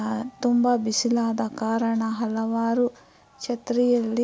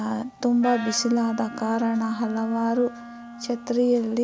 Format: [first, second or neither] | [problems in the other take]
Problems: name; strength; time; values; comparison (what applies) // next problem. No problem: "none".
first | background sound (Wind instrument, woodwind instrument); 15 dB below the speech